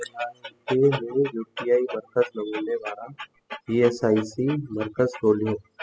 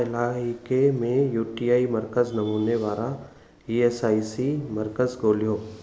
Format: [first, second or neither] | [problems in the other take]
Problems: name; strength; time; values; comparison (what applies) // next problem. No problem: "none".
second | noise reduction (classical method spectral subtraction)